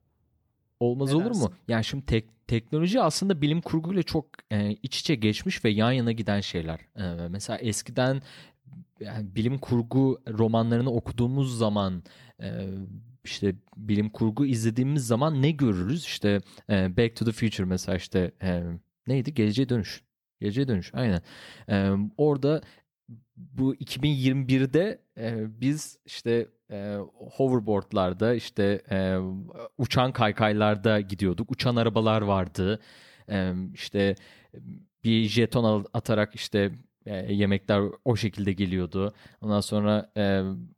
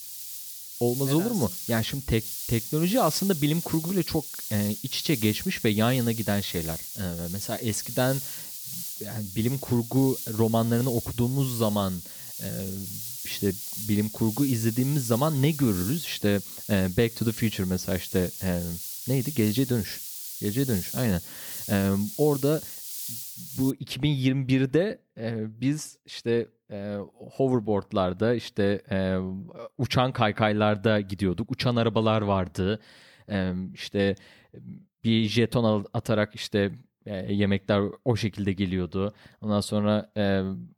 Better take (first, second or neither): first